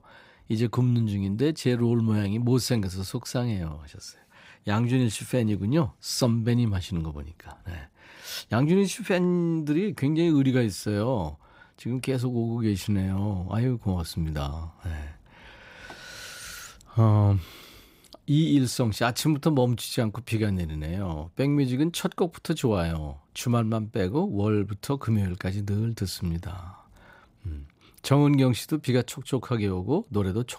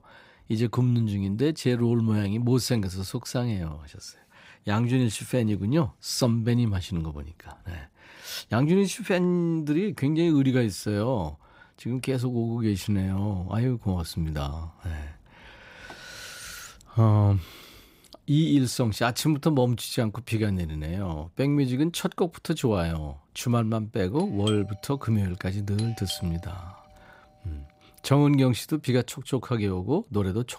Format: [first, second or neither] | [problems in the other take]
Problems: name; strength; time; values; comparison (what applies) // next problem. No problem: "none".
first | doorbell; noticeable; from 24 to 26 s; peak 10 dB below the speech